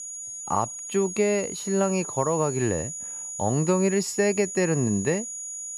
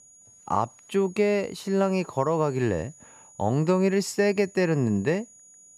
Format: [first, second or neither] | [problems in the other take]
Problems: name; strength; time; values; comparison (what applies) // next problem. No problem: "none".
second | high-pitched whine; loud; throughout; 7 kHz, 7 dB below the speech; faint in the second